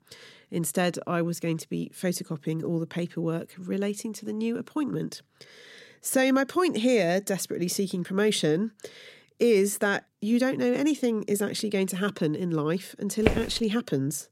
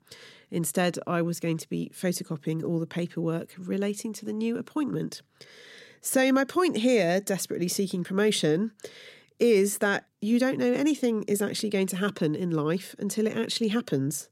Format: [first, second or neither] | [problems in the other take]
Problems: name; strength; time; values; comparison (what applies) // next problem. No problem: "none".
second | footsteps; noticeable; at 13 s; peak 1 dB below the speech